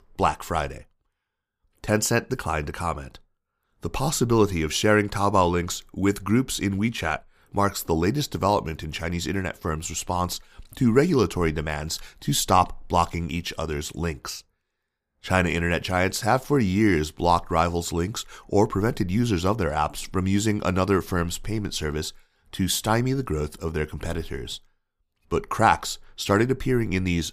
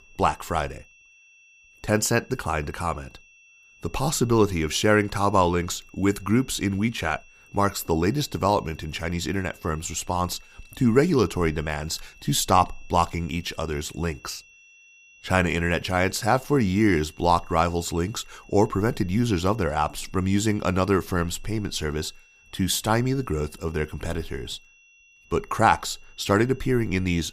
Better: first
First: none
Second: high-pitched whine; faint; throughout; 2.5 kHz, 25 dB below the speech

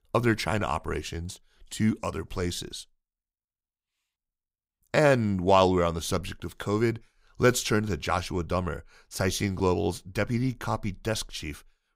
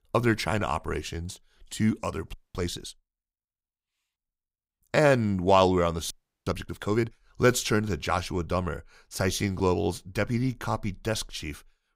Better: first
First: none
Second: audio freezing; at 2.5 s and at 6 s

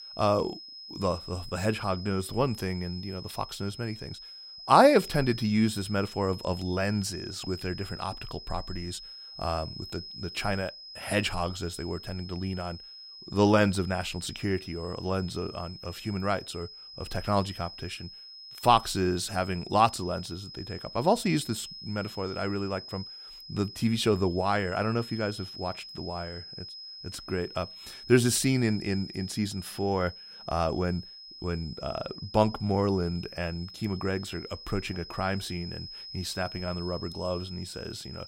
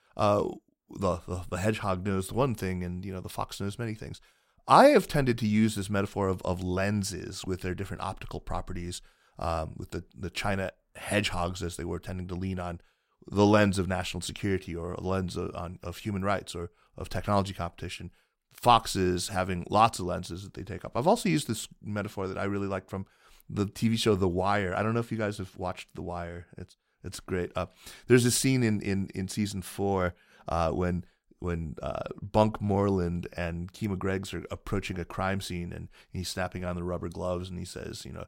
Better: second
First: high-pitched whine; noticeable; throughout; 5 kHz, 15 dB below the speech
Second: none

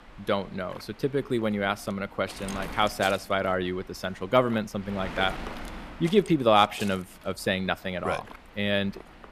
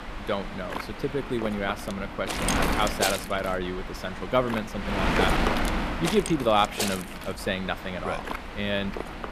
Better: first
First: wind noise on the microphone; occasional gusts; 15 dB below the speech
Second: wind noise on the microphone; heavy; 2 dB below the speech

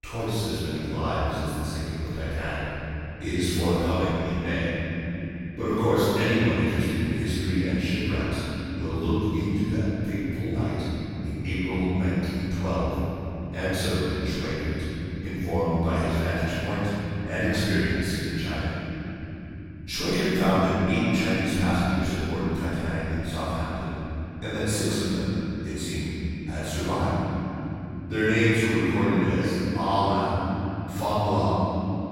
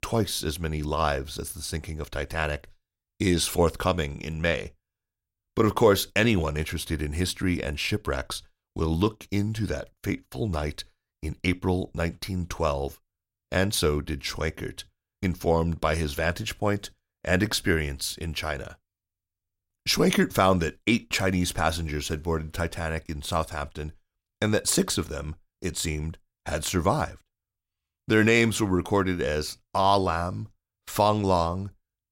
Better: second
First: room echo; strong; dies away in 3 s // off-mic speech; far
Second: none

